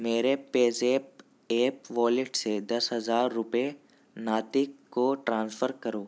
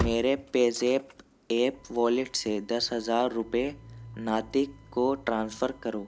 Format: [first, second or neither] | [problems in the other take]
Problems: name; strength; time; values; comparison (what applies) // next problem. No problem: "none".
first | background sound (Slam / Engine starting); 14 dB below the speech